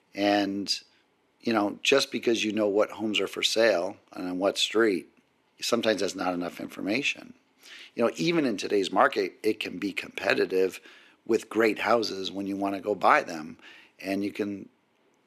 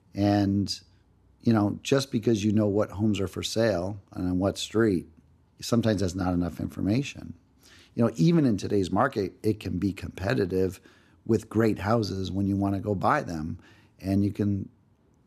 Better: second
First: thin; somewhat; fading below 400 Hz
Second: none

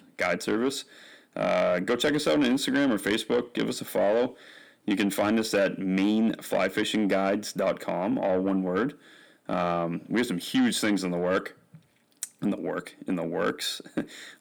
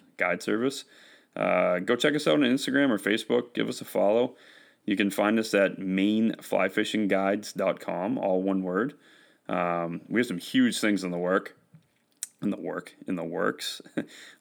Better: second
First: distortion; slight; 10 dB below the speech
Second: none

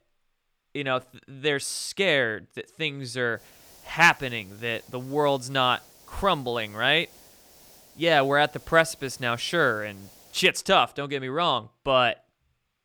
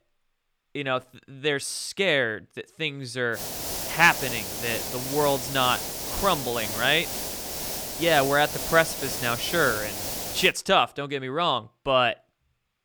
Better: first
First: hiss; faint; from 3.5 to 10 s; 25 dB below the speech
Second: hiss; loud; from 3.5 to 10 s; 5 dB below the speech

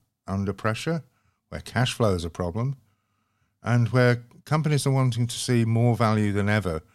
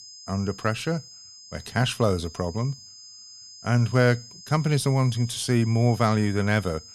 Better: first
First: none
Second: high-pitched whine; noticeable; throughout; 5 kHz, 20 dB below the speech

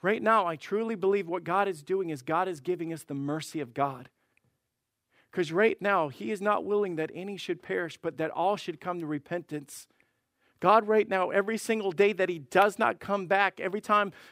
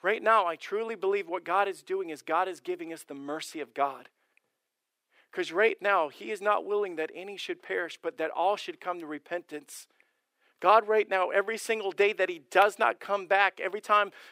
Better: first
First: none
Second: thin; somewhat; fading below 450 Hz

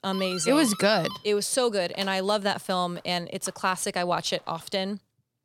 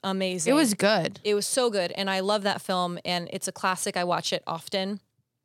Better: second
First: doorbell; noticeable; until 4.5 s; peak 8 dB below the speech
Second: none

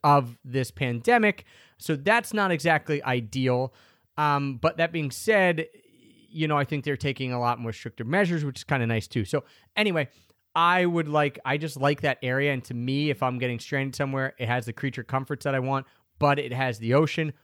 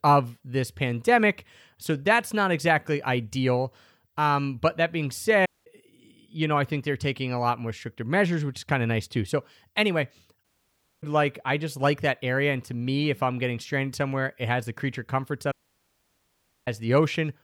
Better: first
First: none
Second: audio cutting out; at 5.5 s, at 10 s for 0.5 s and at 16 s for 1 s

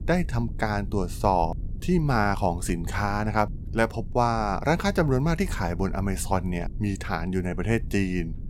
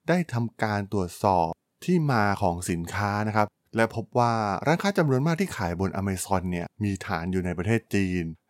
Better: second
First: low rumble; faint; throughout; 25 dB below the speech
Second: none

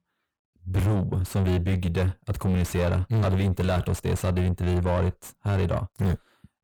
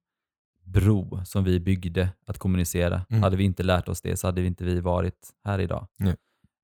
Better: second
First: distortion; heavy; 6 dB below the speech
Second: none

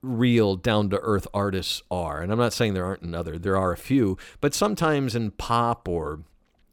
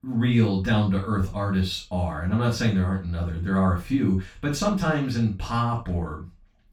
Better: first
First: none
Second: room echo; noticeable; dies away in 0.2 s // off-mic speech; far

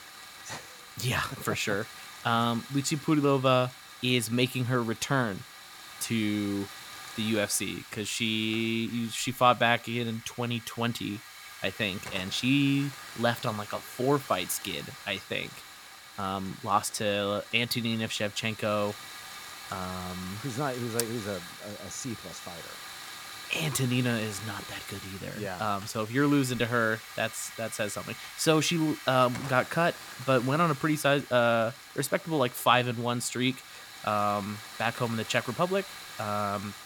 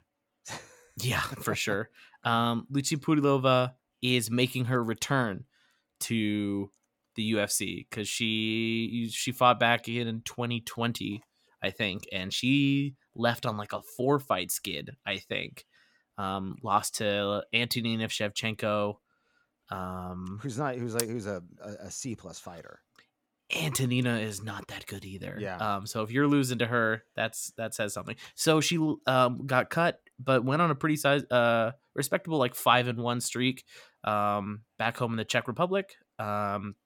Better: second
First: hiss; noticeable; throughout; 15 dB below the speech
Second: none

